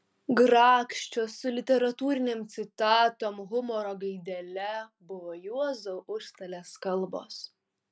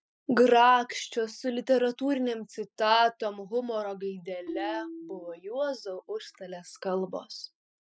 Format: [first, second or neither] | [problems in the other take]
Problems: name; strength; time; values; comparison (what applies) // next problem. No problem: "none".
first | noise reduction (classical method spectral subtraction)